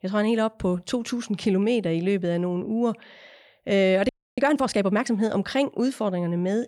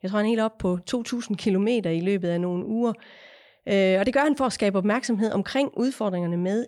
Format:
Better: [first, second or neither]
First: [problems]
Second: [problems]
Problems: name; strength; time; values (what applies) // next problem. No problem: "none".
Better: second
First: audio freezing; at 4 s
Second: none